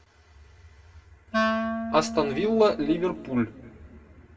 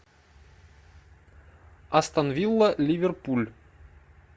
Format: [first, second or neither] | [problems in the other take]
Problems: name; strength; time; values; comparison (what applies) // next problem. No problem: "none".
second | background sound (Wind instrument, woodwind instrument); 3 dB below the speech // room echo; dies away in 2 s